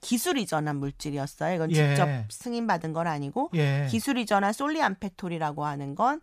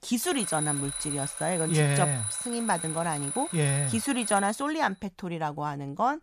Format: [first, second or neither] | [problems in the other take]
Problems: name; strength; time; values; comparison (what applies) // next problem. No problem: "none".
first | alarm; loud; until 4.5 s; peak level with the speech